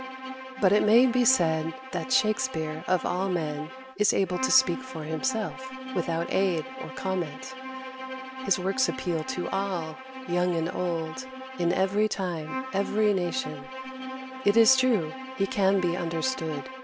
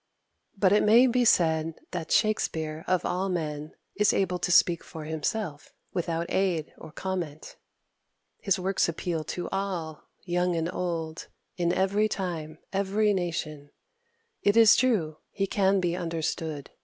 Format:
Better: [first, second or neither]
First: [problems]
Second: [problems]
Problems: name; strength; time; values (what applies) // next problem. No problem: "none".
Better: second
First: background sound (Bowed string instrument); 10 dB below the speech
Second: none